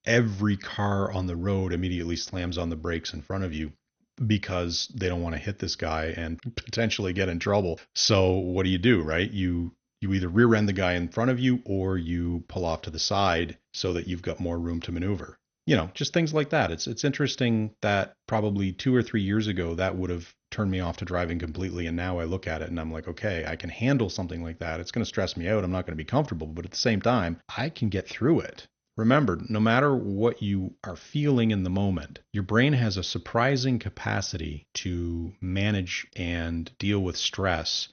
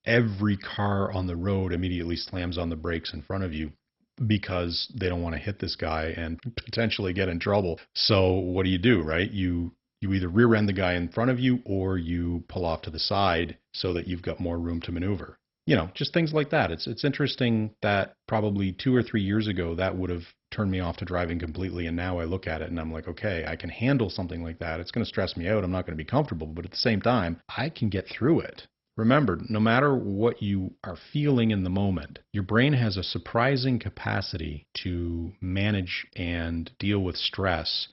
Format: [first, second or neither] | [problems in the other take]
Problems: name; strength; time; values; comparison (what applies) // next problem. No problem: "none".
first | garbled, watery; badly; nothing above 5.5 kHz; slightly in the first